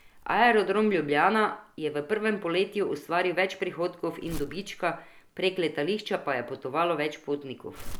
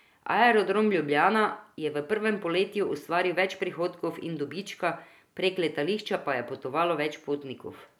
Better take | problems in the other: second | background sound (Crumpling, crinkling); 17 dB below the speech

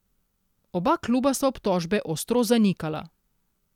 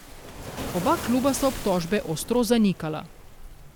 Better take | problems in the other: first | background sound (Waves, surf); 11 dB below the speech

